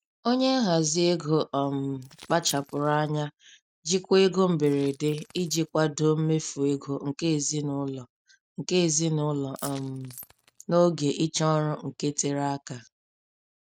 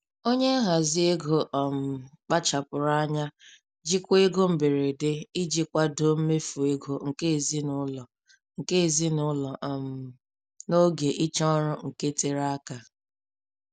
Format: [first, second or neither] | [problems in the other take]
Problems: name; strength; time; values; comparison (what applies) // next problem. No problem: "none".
second | noise reduction (neural mask model RNNoise)